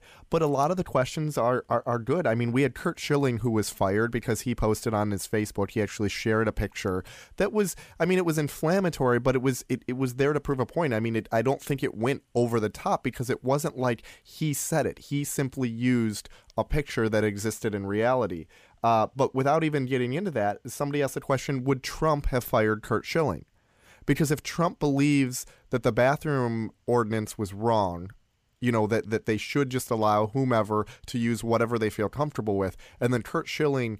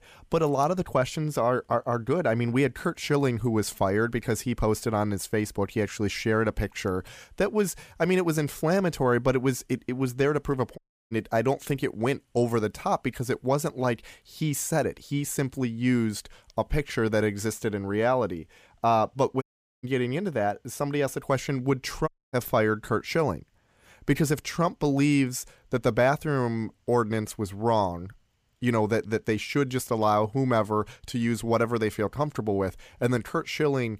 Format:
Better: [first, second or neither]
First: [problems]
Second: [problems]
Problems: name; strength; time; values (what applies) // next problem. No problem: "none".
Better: first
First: none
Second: audio cutting out; at 11 s, at 19 s and at 22 s